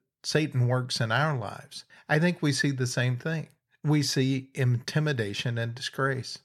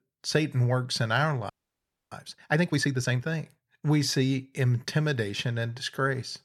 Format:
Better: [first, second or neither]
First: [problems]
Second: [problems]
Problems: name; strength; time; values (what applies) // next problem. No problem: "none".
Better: first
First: none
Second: audio freezing; at 1.5 s for 0.5 s